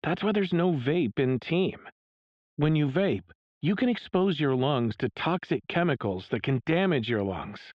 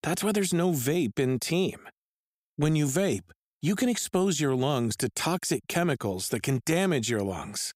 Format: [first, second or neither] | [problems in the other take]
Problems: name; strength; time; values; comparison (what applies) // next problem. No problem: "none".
second | muffled; very; fading above 3.5 kHz